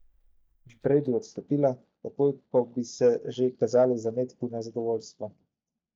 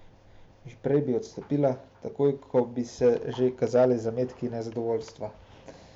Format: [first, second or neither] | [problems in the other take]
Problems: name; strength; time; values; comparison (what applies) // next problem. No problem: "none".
second | noise reduction (neural mask model DeepFilterNet 3)